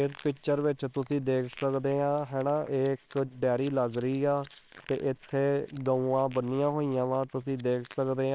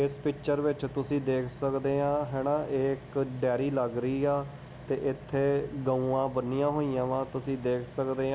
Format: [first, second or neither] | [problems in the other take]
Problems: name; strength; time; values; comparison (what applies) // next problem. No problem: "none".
second | noise reduction (neural separator model SepFormer WHAMR!)